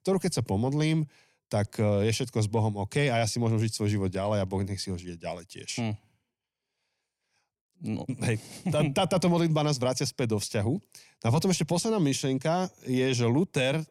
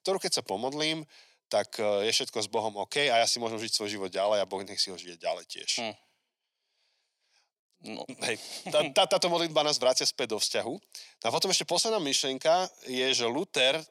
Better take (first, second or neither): first